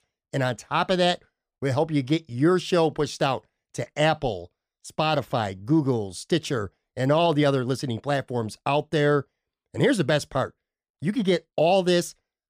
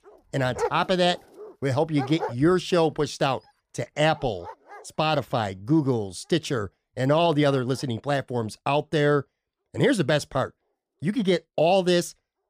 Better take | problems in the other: first | animal sounds; noticeable; throughout; 15 dB below the speech

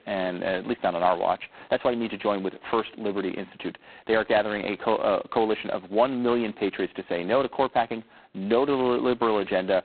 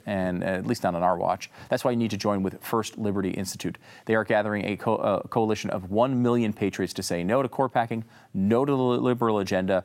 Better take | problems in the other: second | phone-call audio; poor line; nothing above 4 kHz

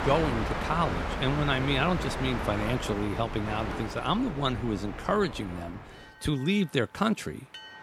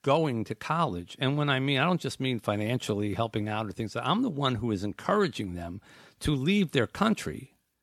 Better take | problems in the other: second | train or aircraft noise; loud; throughout; 5 dB below the speech

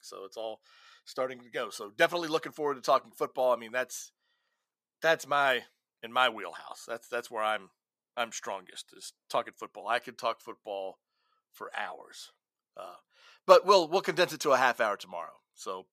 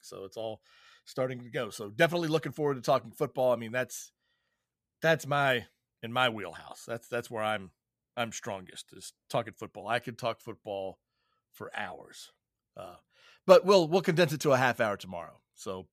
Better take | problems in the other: second | thin; somewhat; fading below 300 Hz

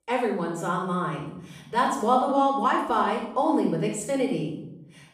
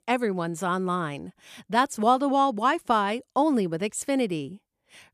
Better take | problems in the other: second | off-mic speech; far // room echo; noticeable; dies away in 0.8 s

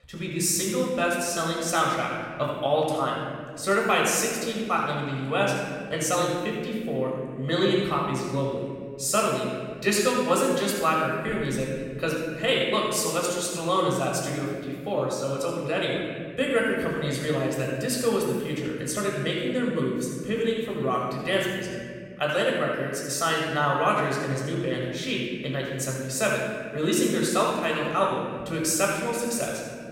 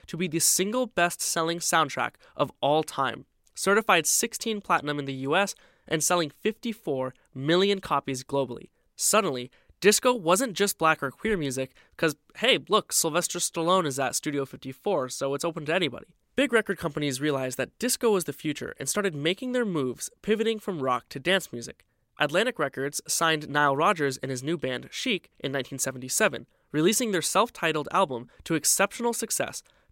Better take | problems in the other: second | off-mic speech; far // room echo; noticeable; dies away in 2 s

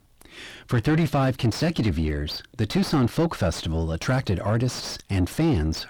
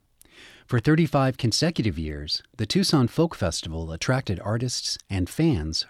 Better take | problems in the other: second | distortion; heavy; 7 dB below the speech

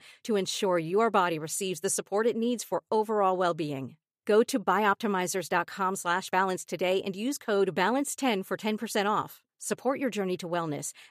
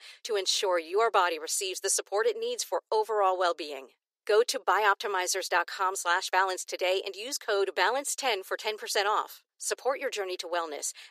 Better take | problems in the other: first | thin; very; fading below 400 Hz

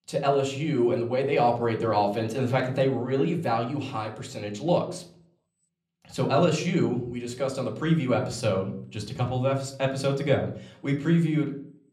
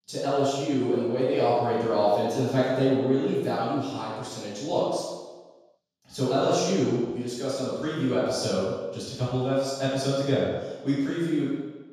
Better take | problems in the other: first | room echo; strong; dies away in 1.2 s; slight in the first // off-mic speech; far; somewhat distant in the first

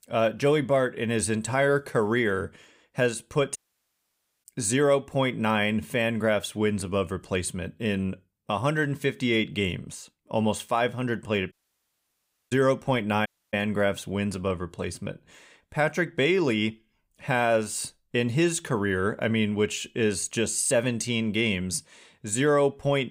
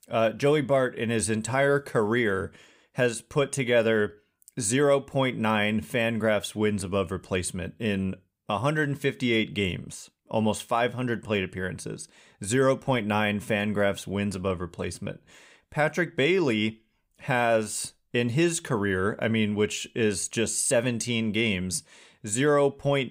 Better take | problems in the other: second | audio cutting out; at 3.5 s for 1 s, at 12 s for 1 s and at 13 s

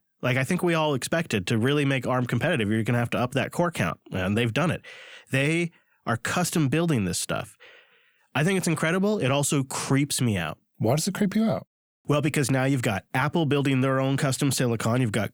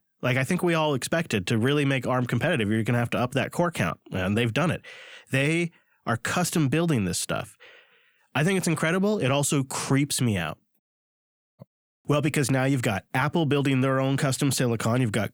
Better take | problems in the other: first | audio cutting out; at 11 s for 1 s

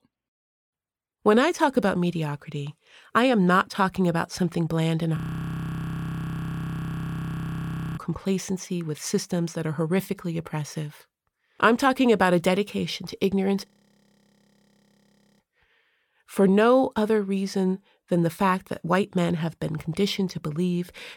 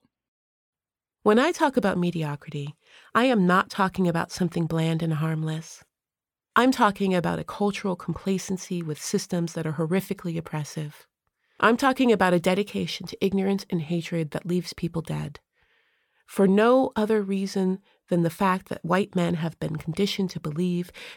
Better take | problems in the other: second | audio freezing; at 5 s for 3 s and at 14 s for 1.5 s

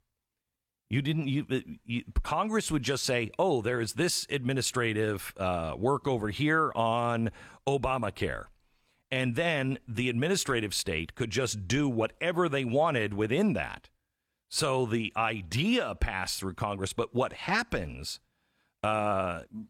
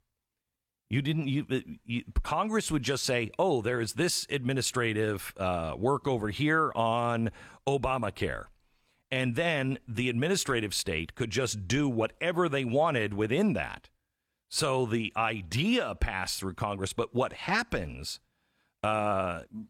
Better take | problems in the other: neither | none

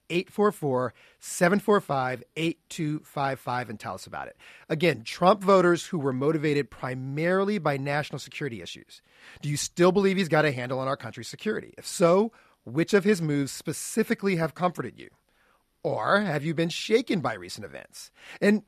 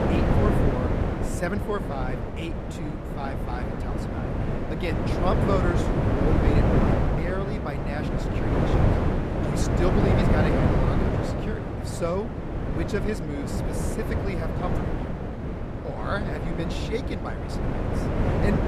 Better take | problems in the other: first | wind noise on the microphone; heavy; 3 dB above the speech

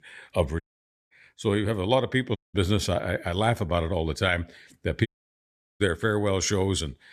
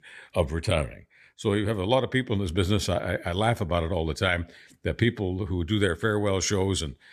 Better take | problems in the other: second | audio cutting out; at 0.5 s for 0.5 s, at 2.5 s and at 5 s for 0.5 s

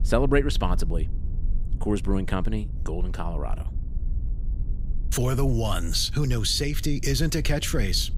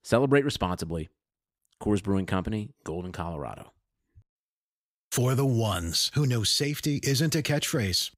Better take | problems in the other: second | low rumble; faint; throughout; 20 dB below the speech

